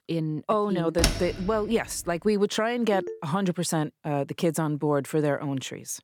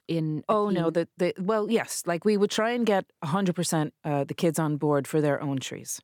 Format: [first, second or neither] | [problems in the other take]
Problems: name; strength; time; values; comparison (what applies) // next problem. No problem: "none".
second | door banging; loud; at 1 s; peak 1 dB above the speech // phone ringing; noticeable; at 3 s; peak 10 dB below the speech